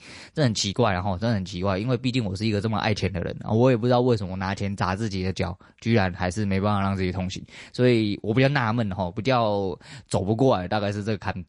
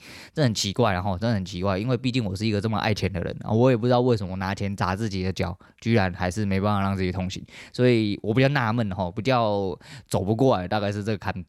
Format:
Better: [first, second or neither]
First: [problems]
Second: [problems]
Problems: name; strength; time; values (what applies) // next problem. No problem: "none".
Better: second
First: garbled, watery; slightly; nothing above 10.5 kHz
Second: none